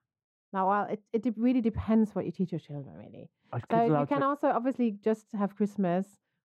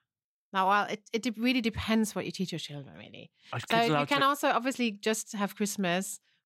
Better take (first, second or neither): second